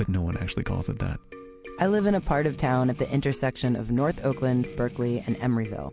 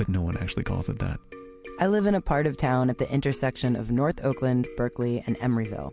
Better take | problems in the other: second | background sound (Strum); 17 dB below the speech

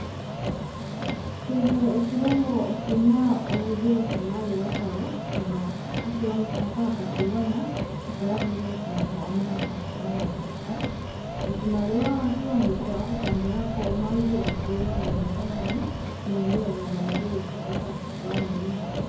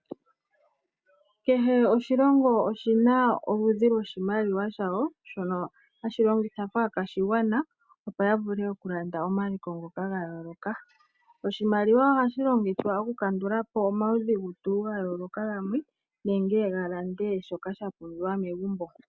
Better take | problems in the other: second | background sound (Motor vehicle (road)); 3 dB below the speech // room echo; dies away in 0.9 s

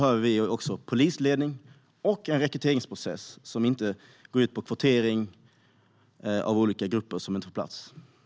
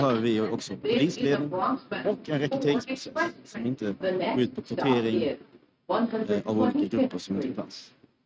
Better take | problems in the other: first | noise reduction (neural mask model RNNoise)

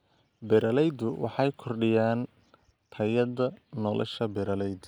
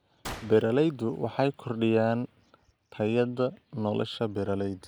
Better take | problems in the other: first | background sound (Gunshot, gunfire); 19 dB below the speech

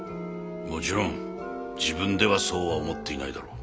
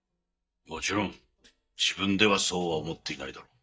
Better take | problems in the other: first | noise reduction (neural mask model DeepFilterNet 3)

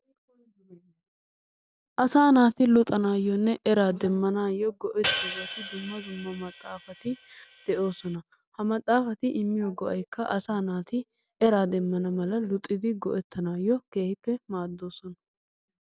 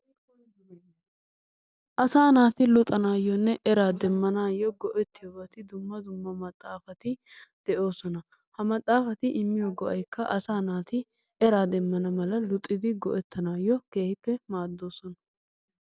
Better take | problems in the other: second | background sound (Hi-hat); 9 dB below the speech

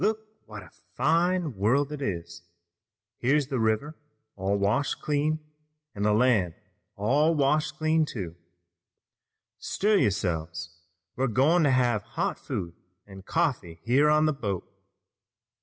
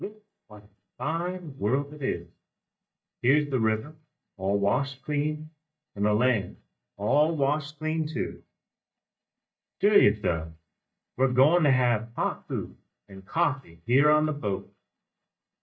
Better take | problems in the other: first | noise reduction (neural mask model DeepFilterNet 3)

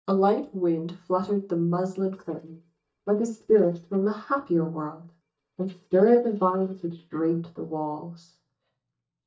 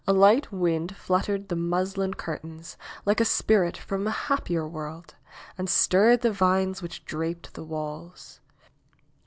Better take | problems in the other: second | noise reduction (neural mask model DeepFilterNet 3)

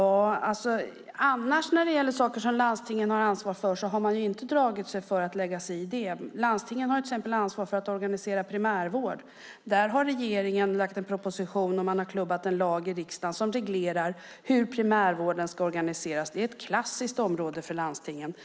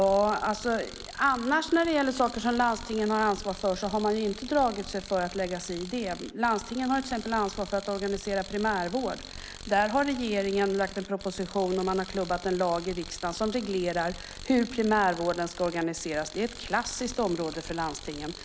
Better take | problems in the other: first | background sound (Tools); 15 dB below the speech

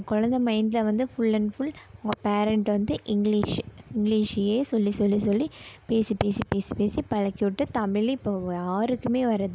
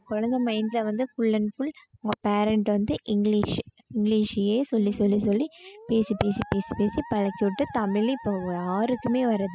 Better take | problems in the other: first | noise reduction (classical method spectral subtraction)

